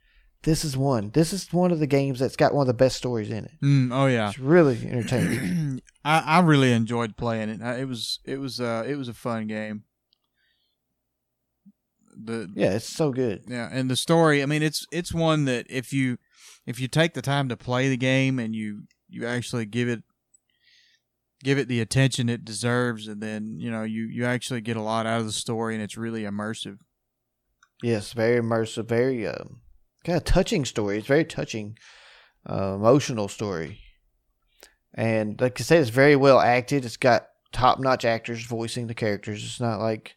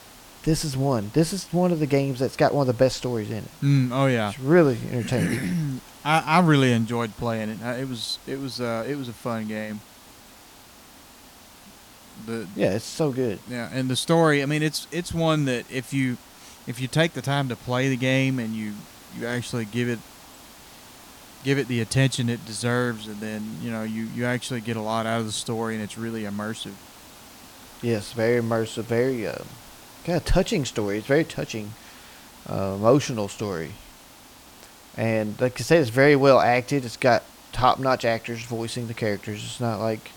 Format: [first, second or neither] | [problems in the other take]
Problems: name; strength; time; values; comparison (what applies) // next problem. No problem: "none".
first | hiss; faint; throughout; 20 dB below the speech